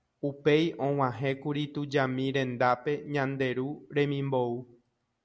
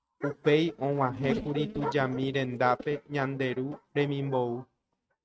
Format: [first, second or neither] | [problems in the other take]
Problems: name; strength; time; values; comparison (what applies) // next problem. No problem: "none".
first | noise reduction (neural mask model RNNoise)